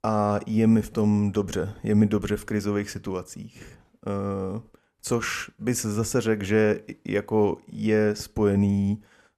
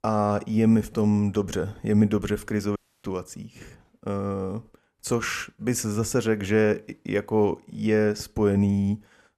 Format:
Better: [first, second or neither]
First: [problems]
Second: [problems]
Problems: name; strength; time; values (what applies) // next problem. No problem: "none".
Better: first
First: none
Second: audio cutting out; at 3 s